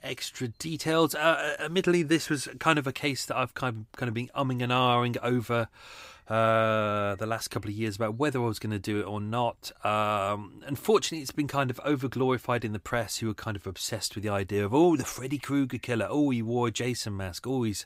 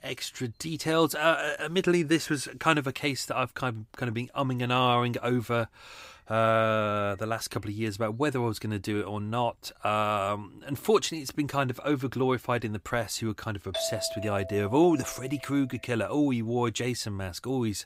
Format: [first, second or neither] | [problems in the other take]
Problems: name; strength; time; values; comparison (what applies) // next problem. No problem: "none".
first | doorbell; noticeable; from 14 to 15 s; peak 5 dB below the speech